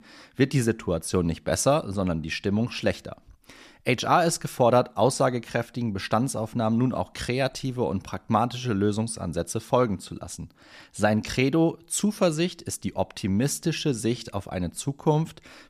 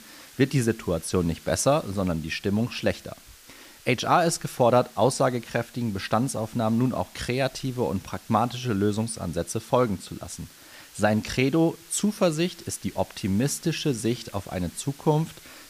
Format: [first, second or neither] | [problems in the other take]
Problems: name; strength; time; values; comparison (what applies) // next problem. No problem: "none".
first | hiss; faint; throughout; 20 dB below the speech